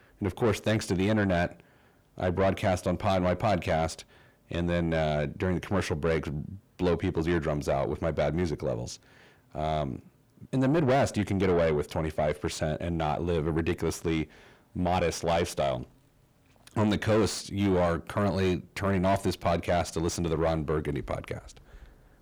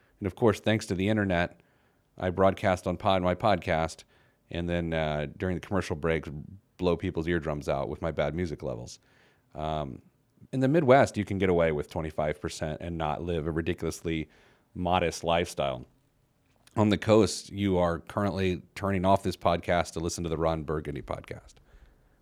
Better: second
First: distortion; heavy; 7 dB below the speech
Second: none

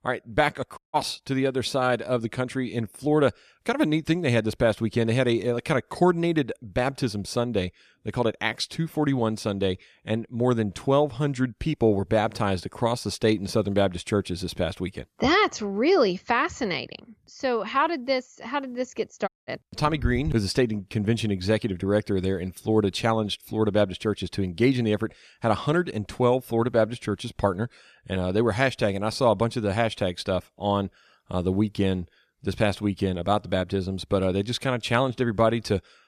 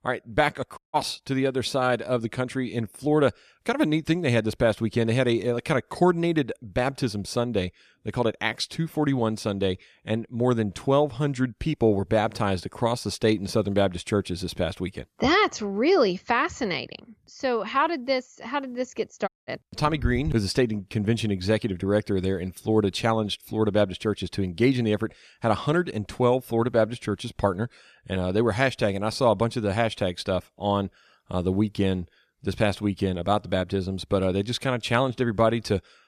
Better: neither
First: audio cutting out; at 1 s and at 19 s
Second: audio cutting out; at 1 s and at 19 s

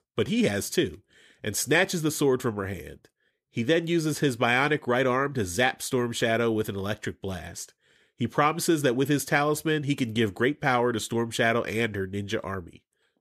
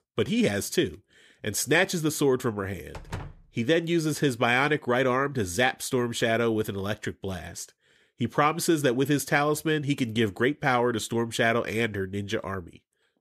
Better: first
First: none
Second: door banging; faint; at 3 s; peak 15 dB below the speech

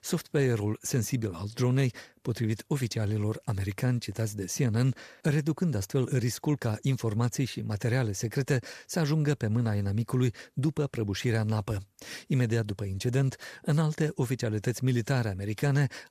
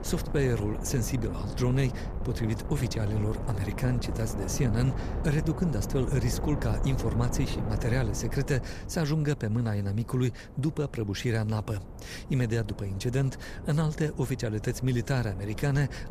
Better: first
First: none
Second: wind noise on the microphone; heavy; 8 dB below the speech

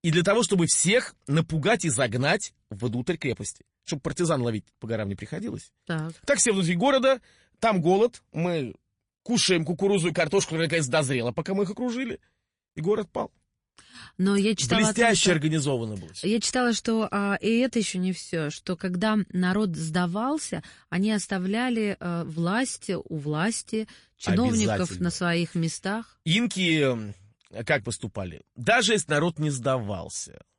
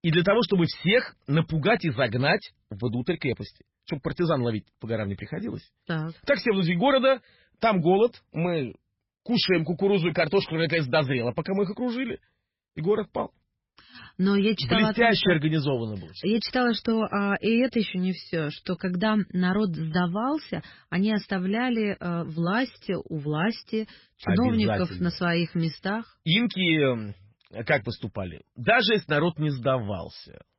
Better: first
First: garbled, watery; slightly; nothing above 10.5 kHz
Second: garbled, watery; badly; nothing above 5.5 kHz

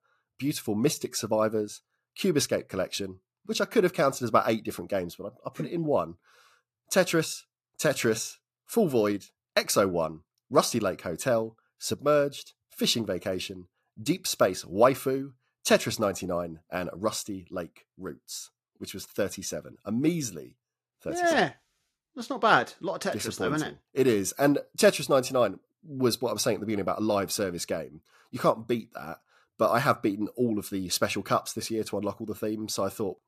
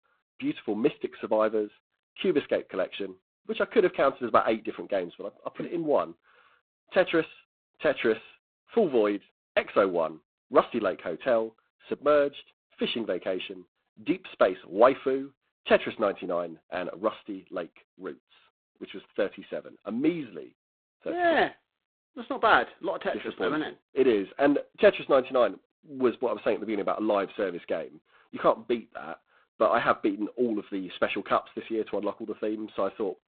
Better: first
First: none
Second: phone-call audio; poor line; nothing above 4 kHz

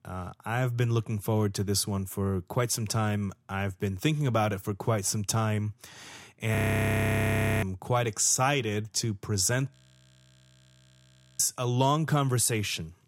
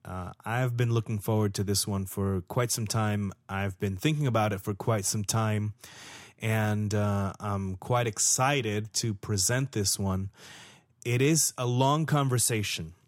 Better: second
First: audio freezing; at 6.5 s for 1 s and at 9.5 s for 1.5 s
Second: none

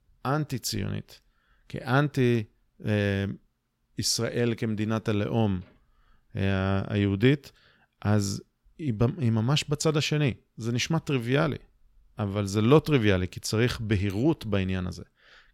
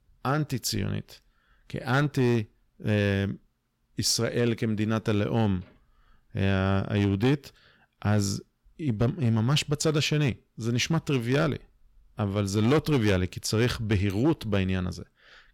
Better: first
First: none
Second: distortion; slight; 4% of the sound clipped

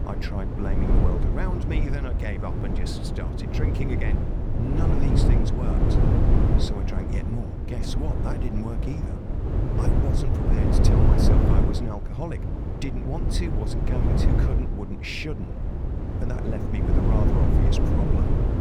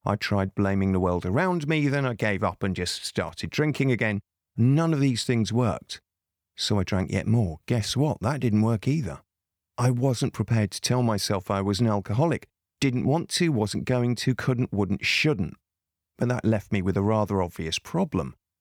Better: second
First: wind noise on the microphone; heavy; 3 dB above the speech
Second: none

